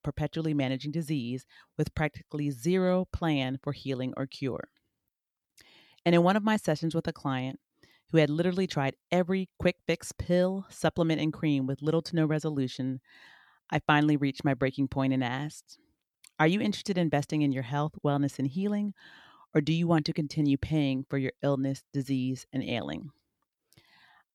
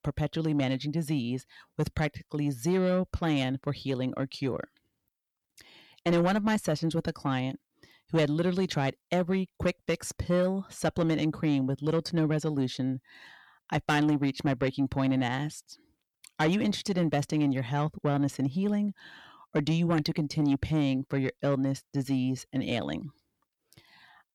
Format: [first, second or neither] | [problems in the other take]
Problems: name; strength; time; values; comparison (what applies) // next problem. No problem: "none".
first | distortion; slight; 10 dB below the speech